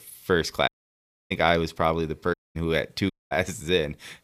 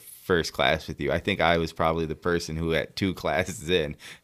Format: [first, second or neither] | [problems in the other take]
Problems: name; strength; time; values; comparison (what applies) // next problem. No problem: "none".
second | audio cutting out; at 0.5 s for 0.5 s, at 2.5 s and at 3 s